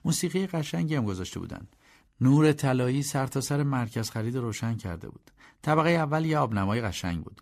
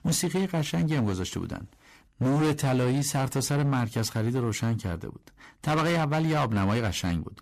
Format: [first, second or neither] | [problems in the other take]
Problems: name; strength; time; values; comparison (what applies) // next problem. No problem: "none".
first | distortion; heavy; 16% of the sound clipped